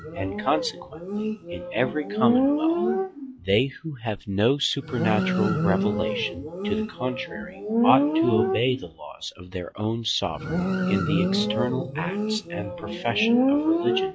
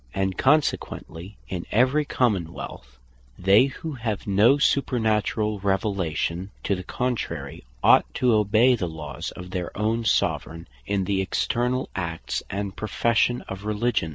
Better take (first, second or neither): second